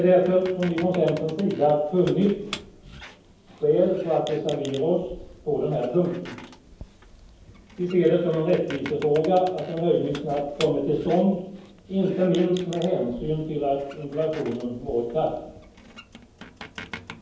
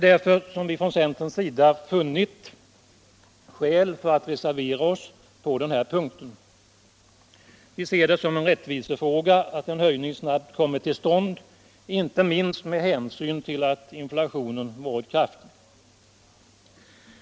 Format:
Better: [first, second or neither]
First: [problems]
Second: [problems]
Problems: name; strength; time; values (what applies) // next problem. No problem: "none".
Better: second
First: background sound (Squeak); 18 dB below the speech // room echo; dies away in 0.9 s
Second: none